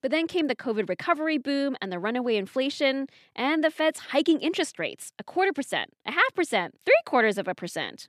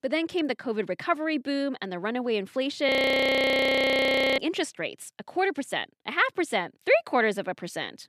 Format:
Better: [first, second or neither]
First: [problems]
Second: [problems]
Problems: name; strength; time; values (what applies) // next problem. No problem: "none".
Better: first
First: none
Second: audio freezing; at 3 s for 1.5 s